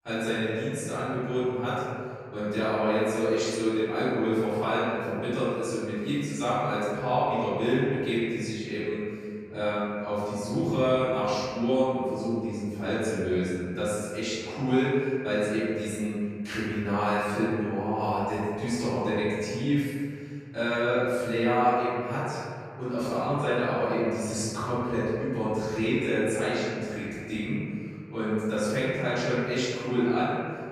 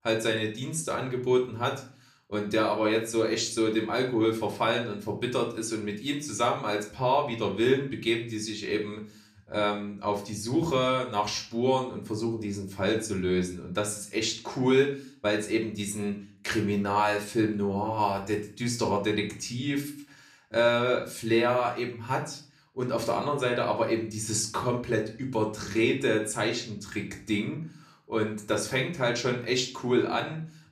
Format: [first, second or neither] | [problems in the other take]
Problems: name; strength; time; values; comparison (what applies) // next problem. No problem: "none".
second | room echo; strong; dies away in 2.2 s; slight in the second // off-mic speech; far; somewhat distant in the second